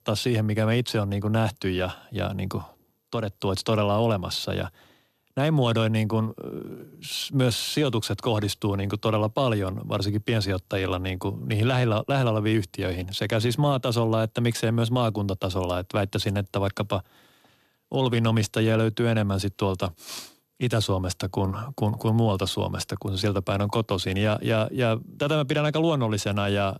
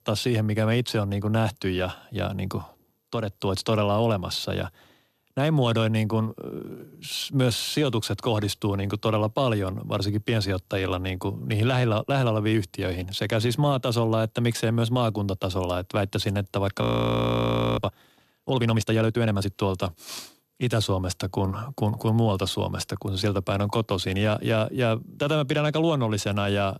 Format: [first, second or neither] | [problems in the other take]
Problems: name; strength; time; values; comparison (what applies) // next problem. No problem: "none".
first | audio freezing; at 17 s for 1 s